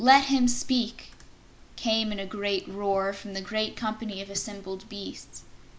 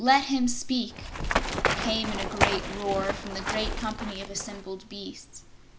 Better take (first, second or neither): first